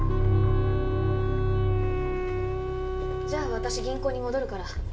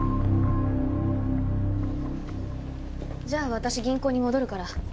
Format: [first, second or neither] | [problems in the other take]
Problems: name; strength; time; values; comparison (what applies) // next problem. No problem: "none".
second | background sound (Wind instrument, woodwind instrument); 6 dB below the speech // room echo; dies away in 0.4 s